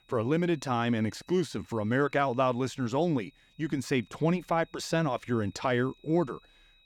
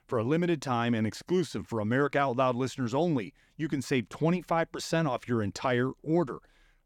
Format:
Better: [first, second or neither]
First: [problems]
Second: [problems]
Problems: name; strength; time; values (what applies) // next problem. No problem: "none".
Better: second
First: high-pitched whine; faint; throughout; 4 kHz, 30 dB below the speech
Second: none